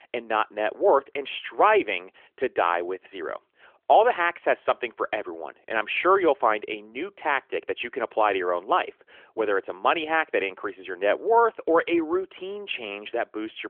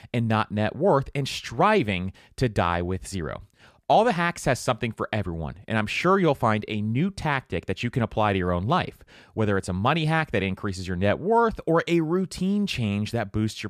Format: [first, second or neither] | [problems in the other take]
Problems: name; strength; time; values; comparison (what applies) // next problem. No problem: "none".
second | phone-call audio; nothing above 3.5 kHz